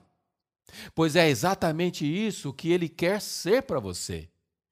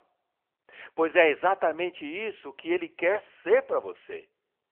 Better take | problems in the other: first | phone-call audio; nothing above 3 kHz

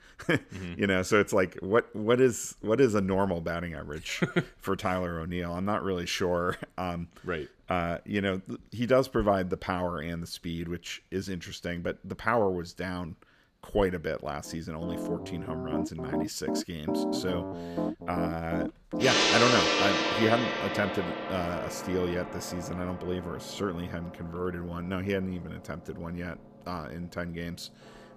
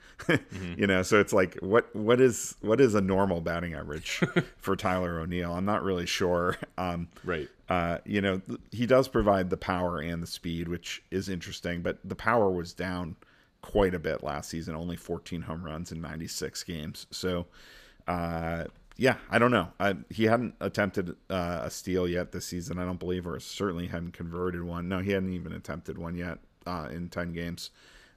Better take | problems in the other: second | background music; very loud; from 15 s on; 1 dB above the speech

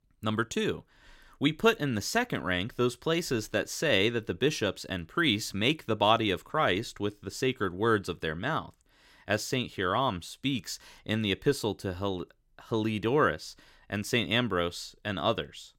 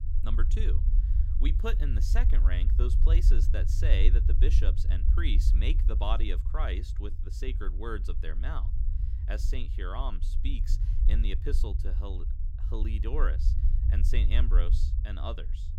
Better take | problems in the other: first | low rumble; loud; throughout; 9 dB below the speech

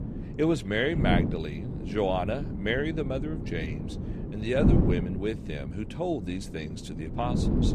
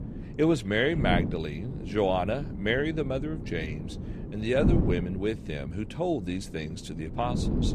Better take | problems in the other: second | wind noise on the microphone; heavy; 7 dB below the speech; occasional gusts in the second

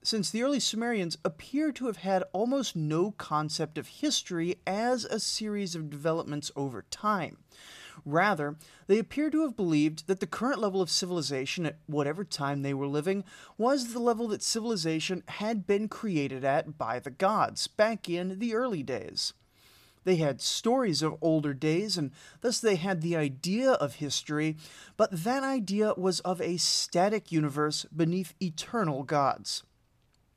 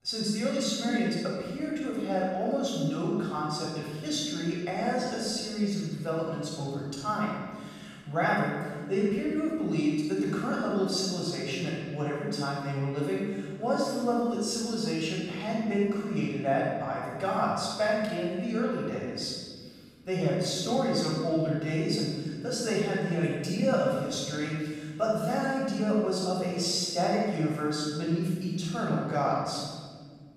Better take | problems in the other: first | off-mic speech; far // room echo; strong; dies away in 1.6 s

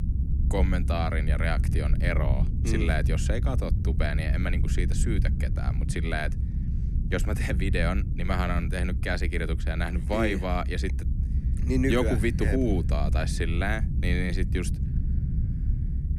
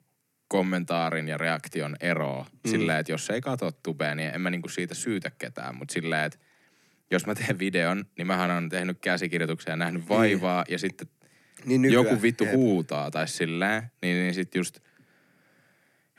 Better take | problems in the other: second | low rumble; noticeable; throughout; 10 dB below the speech

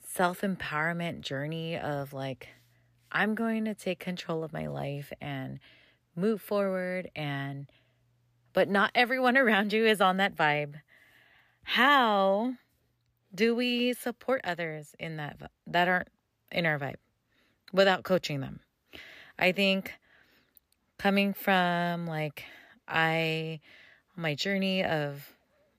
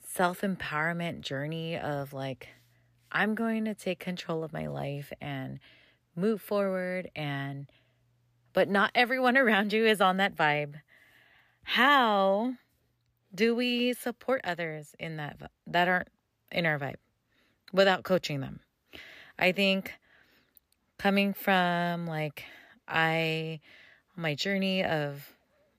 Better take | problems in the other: neither | none

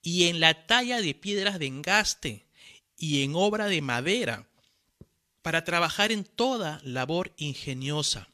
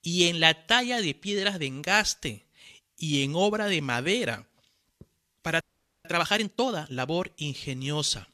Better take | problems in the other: first | audio freezing; at 5.5 s

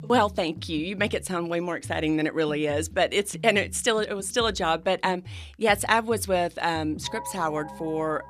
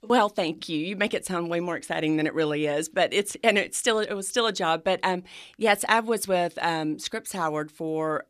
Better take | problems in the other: second | background music; noticeable; throughout; 15 dB below the speech

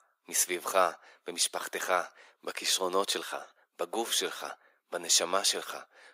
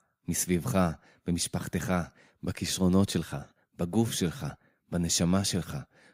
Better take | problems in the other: second | thin; very; fading below 400 Hz

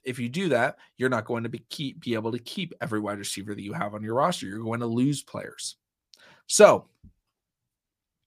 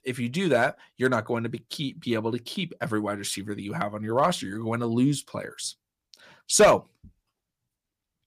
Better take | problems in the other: first | distortion; slight; 0.6% of the sound clipped

